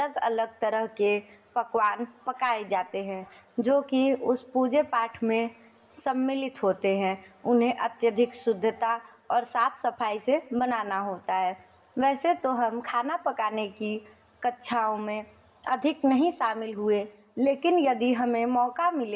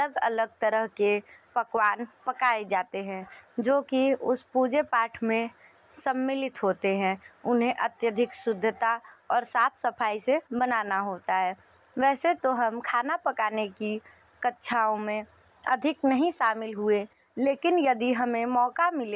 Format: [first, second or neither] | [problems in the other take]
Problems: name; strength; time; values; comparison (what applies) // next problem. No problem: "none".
second | room echo; dies away in 0.9 s